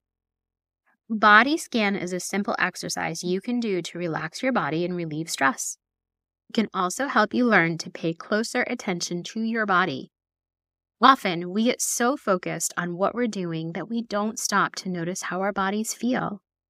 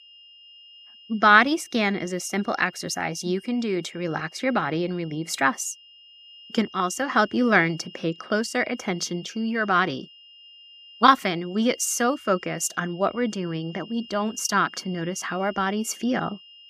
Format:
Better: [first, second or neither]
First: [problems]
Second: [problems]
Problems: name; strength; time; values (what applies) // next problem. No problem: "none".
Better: first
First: none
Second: high-pitched whine; faint; throughout; 3 kHz, 20 dB below the speech